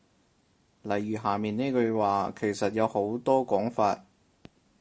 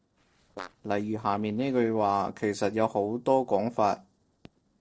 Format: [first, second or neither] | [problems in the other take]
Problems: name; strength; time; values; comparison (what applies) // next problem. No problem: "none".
first | noise reduction (neural separator model SepFormer DNS4)